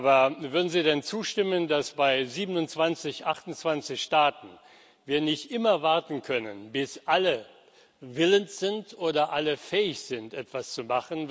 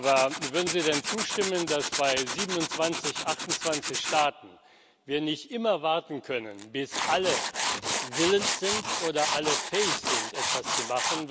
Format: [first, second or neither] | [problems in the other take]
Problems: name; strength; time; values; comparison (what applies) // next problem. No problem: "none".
first | background sound (Tools); 2 dB below the speech